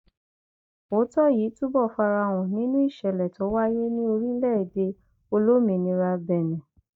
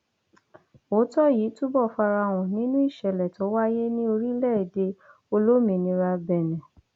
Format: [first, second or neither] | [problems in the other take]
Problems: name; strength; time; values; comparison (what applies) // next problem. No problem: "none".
second | noise reduction (neural mask model DeepFilterNet 3)